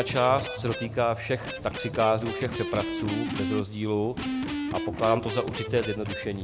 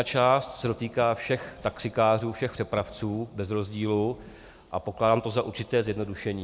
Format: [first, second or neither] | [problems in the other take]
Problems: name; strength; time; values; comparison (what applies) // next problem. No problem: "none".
second | background sound (Electric guitar); 5 dB below the speech